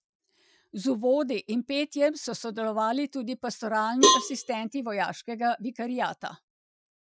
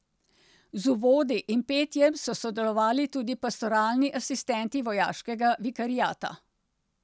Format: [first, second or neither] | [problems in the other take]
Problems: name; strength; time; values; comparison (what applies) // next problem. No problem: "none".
second | noise reduction (classical method Wiener filter)